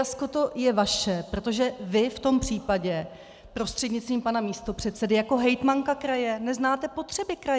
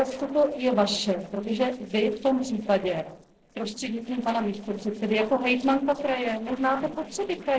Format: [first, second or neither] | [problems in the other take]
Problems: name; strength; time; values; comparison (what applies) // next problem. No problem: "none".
first | noise reduction (neural separator model SepFormer DNS4)